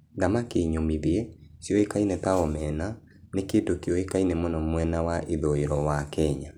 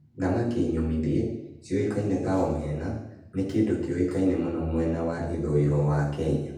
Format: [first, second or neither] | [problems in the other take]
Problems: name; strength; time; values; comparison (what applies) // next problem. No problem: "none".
first | room echo; dies away in 0.8 s